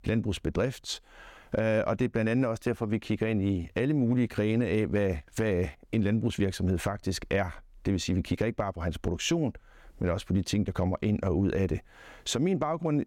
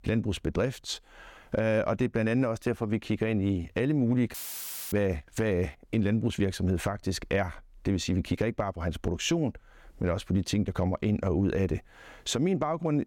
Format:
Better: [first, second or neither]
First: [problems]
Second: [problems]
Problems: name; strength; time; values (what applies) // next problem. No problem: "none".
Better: first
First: none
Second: audio cutting out; filled with static; at 4.5 s for 0.5 s